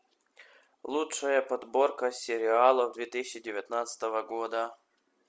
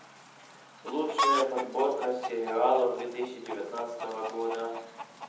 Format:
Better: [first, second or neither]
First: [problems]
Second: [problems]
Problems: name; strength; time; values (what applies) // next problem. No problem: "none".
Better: first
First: none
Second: background sound (Chicken, rooster); 4 dB below the speech // room echo; dies away in 1 s